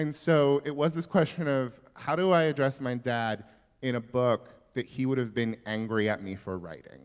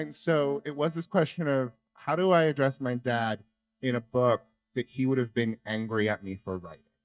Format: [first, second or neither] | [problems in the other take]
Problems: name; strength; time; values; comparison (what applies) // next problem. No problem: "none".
first | noise reduction (neural mask model DeepFilterNet 3)